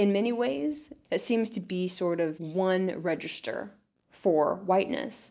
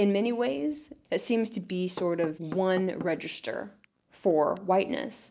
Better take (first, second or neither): first